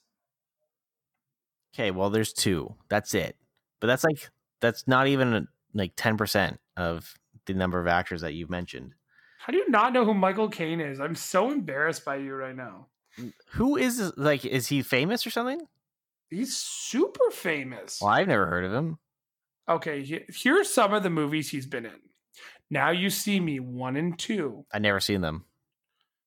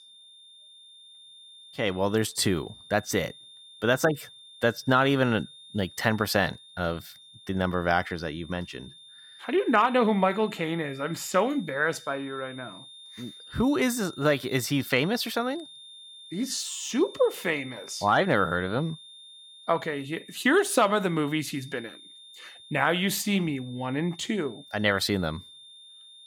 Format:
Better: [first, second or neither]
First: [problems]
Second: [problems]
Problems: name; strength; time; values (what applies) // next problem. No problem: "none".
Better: first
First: none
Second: high-pitched whine; noticeable; throughout; 3.5 kHz, 20 dB below the speech